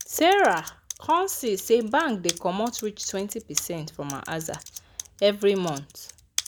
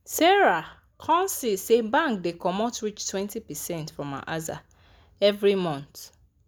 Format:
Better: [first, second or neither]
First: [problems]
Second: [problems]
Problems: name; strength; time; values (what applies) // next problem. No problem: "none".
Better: second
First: background sound (Computer keyboard); 13 dB below the speech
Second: none